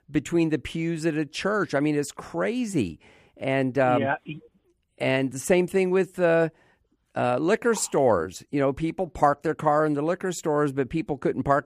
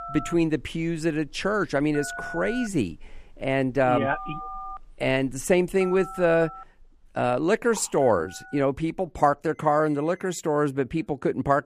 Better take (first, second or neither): first